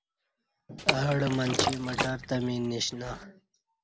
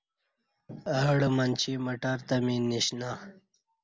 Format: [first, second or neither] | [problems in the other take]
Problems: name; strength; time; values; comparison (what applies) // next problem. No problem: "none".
second | background sound (Liquid); 1 dB below the speech